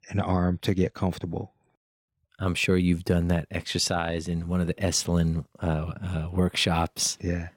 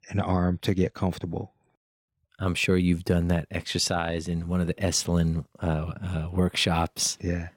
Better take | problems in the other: neither | none

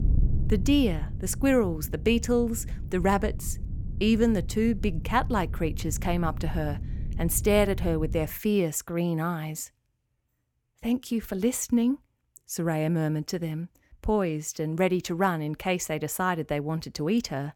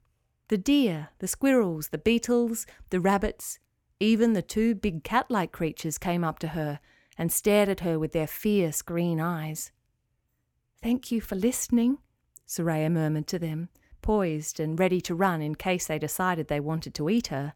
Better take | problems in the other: second | wind noise on the microphone; occasional gusts; until 8.5 s; 20 dB below the speech

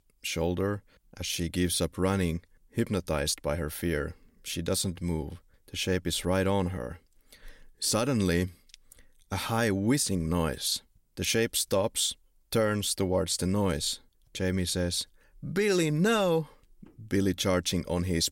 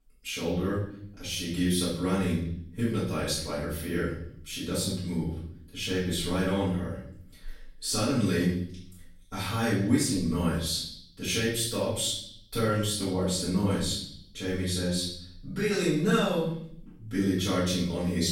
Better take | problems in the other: first | off-mic speech; far // room echo; noticeable; dies away in 0.6 s

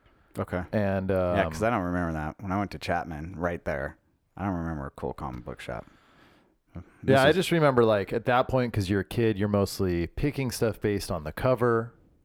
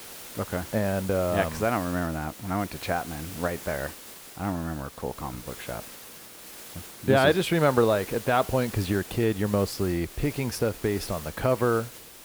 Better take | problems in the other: first | hiss; noticeable; throughout; 15 dB below the speech

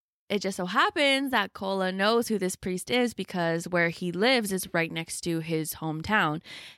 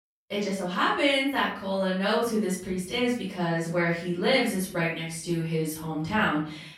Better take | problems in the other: first | off-mic speech; far // room echo; noticeable; dies away in 0.5 s

